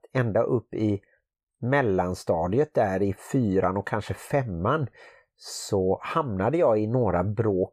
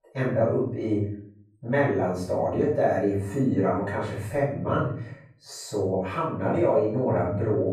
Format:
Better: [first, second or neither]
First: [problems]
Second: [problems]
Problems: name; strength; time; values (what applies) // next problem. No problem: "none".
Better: first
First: none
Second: off-mic speech; far // room echo; noticeable; dies away in 0.5 s